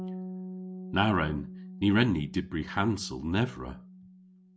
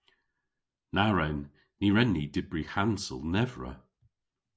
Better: second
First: background sound (Bass guitar); 12 dB below the speech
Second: none

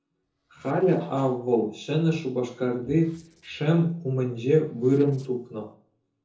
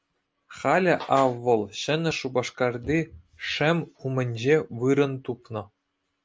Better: second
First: noise reduction (neural separator model SepFormer DNS4)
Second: none

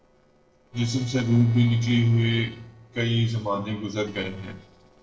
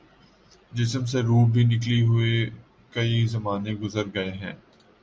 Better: second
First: noise reduction (neural separator model SepFormer DNS4)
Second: none

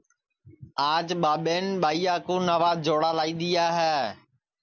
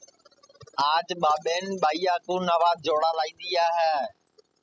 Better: first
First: none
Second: noise reduction (classical method spectral subtraction)

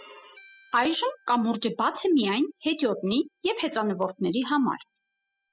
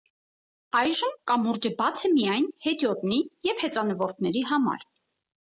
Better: second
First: noise reduction (classical method spectral subtraction)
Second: none

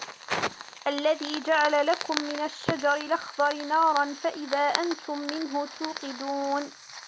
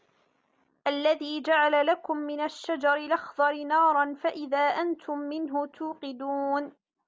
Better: second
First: background sound (Fire); 9 dB below the speech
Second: none

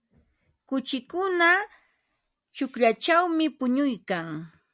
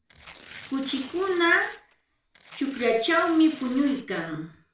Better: first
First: none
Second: background sound (Tearing); 20 dB below the speech // room echo; dies away in 0.4 s

